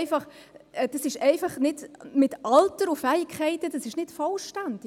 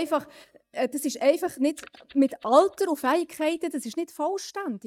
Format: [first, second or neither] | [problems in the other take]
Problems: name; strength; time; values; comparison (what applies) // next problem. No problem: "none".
first | noise reduction (neural mask model DeepFilterNet 3)